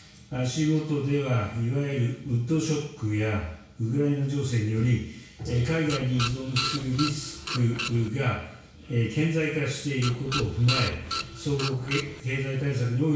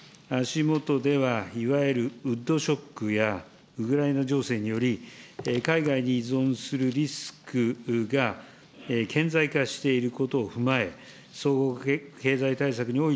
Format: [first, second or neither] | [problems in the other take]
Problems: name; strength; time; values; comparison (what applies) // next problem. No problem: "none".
second | background sound (Printer); 6 dB below the speech // room echo; dies away in 0.6 s